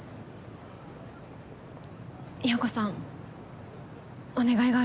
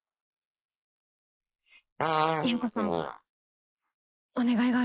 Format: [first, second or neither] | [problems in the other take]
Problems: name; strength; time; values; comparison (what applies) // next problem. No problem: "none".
first | noise reduction (neural mask model Resemble Enhance denoiser)